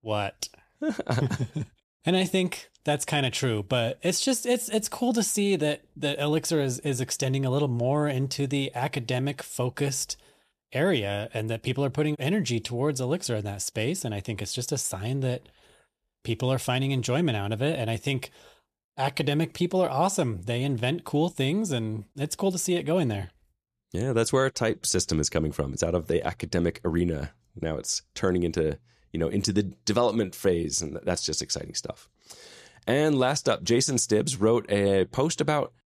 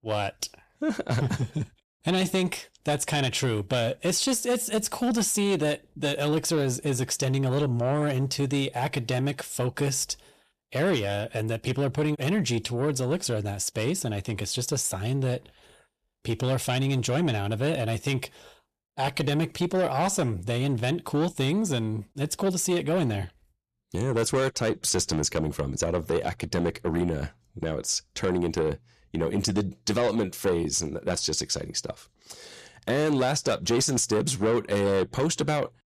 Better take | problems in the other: first | distortion; slight; 10 dB below the speech

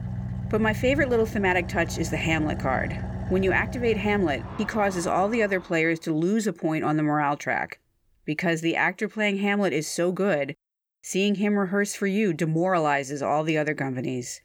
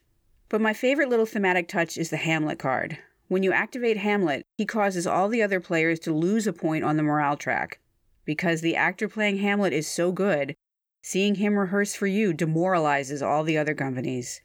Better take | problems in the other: second | traffic noise; loud; until 5.5 s; 9 dB below the speech

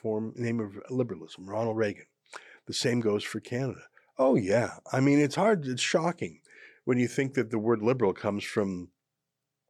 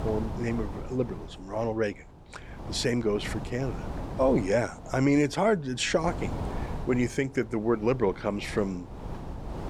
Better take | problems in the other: first | wind noise on the microphone; occasional gusts; 15 dB below the speech

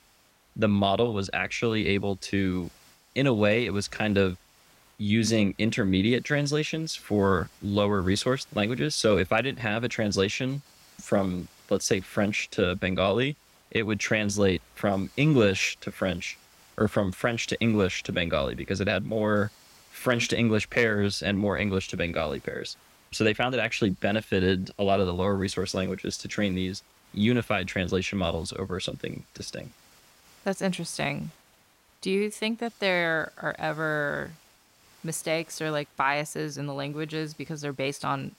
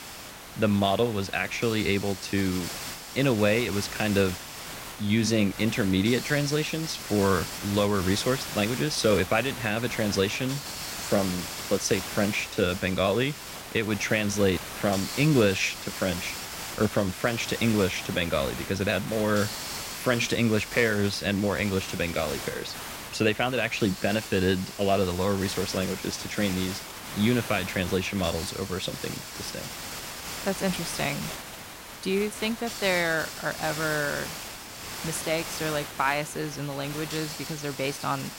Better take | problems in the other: first | hiss; loud; throughout; 9 dB below the speech; faint in the first

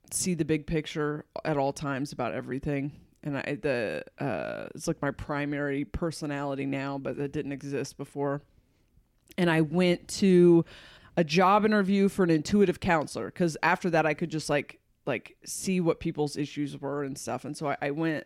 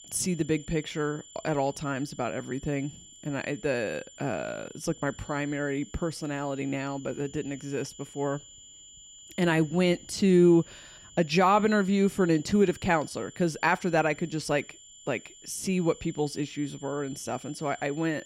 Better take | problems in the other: first | high-pitched whine; noticeable; throughout; 7 kHz, 20 dB below the speech

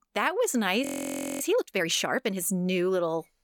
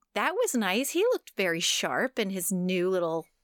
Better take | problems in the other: second | audio freezing; at 1 s for 0.5 s

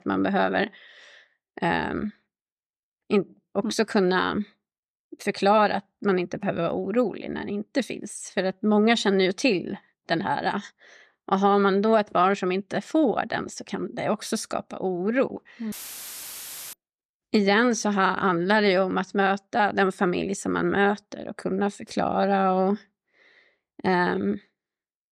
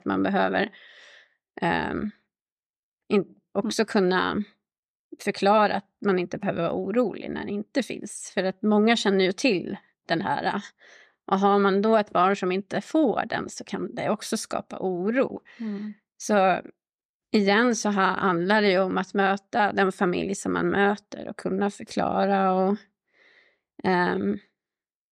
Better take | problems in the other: second | audio cutting out; filled with static; at 16 s for 1 s

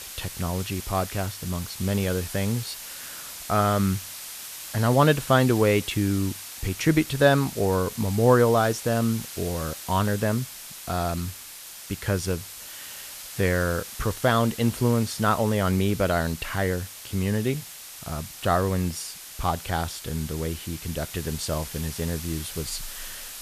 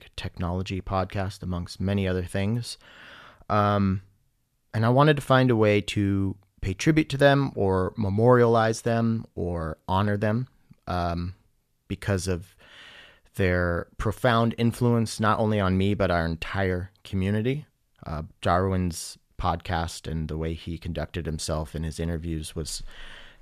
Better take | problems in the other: second | hiss; noticeable; throughout; 10 dB below the speech

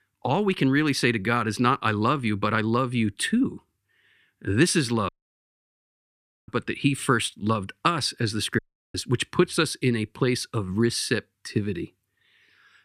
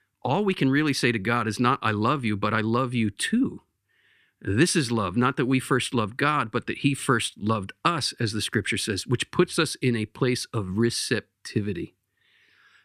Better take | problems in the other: second | audio cutting out; at 5 s for 1.5 s and at 8.5 s

